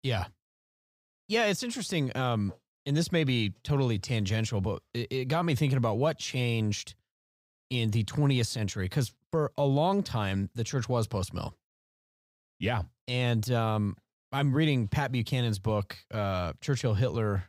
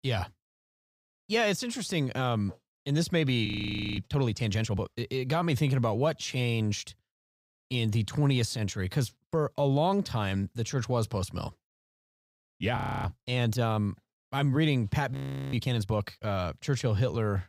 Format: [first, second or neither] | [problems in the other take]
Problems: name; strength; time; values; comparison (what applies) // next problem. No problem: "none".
first | audio freezing; at 3.5 s for 0.5 s, at 13 s and at 15 s